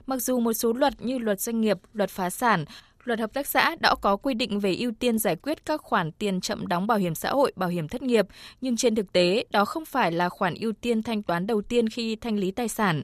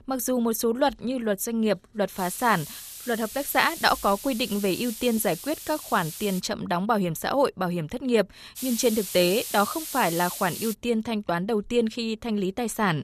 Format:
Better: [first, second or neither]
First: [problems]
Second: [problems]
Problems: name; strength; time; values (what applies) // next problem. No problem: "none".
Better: first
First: none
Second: hiss; loud; from 2 to 6.5 s and from 8.5 to 11 s; 9 dB below the speech